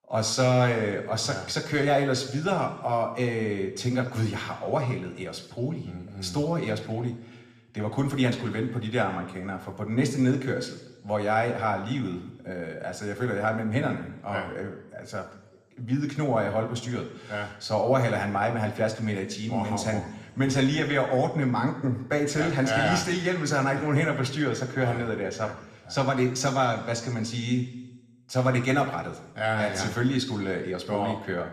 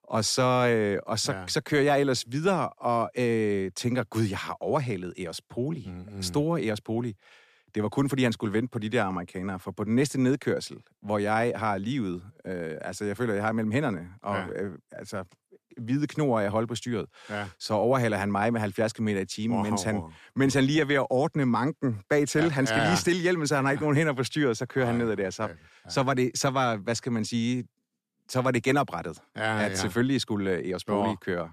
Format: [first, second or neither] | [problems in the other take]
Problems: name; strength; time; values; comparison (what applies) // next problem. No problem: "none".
second | room echo; slight; dies away in 1 s